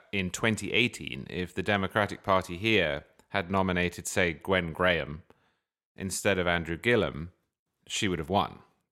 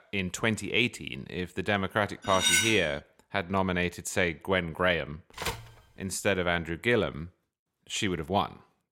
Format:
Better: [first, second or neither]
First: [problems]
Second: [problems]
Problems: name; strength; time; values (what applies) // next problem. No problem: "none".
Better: first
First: none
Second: clattering dishes; loud; at 2.5 s; peak 6 dB above the speech // phone ringing; noticeable; at 5.5 s; peak 6 dB below the speech